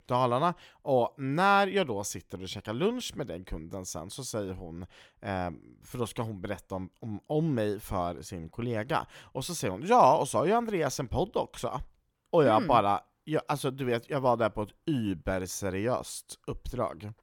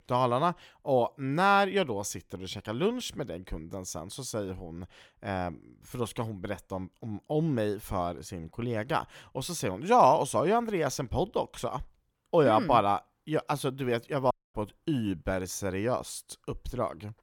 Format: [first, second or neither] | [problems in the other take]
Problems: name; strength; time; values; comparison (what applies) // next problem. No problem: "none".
first | audio cutting out; at 14 s